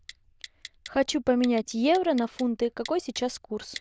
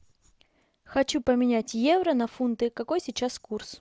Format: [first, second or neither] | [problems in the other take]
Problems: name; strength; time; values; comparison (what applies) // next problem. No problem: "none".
second | noise reduction (neural diffusion model UNIVERSE++)